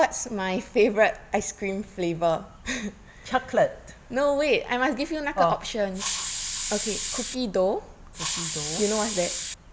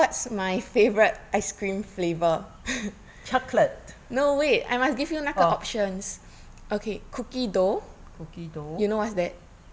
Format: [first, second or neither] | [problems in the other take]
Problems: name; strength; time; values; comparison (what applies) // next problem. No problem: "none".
second | background sound (Hiss); 4 dB below the speech